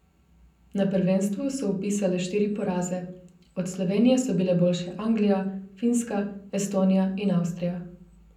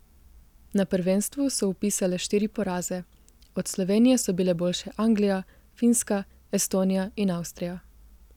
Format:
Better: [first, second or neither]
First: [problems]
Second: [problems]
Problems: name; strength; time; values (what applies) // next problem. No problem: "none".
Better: second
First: room echo; dies away in 0.6 s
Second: none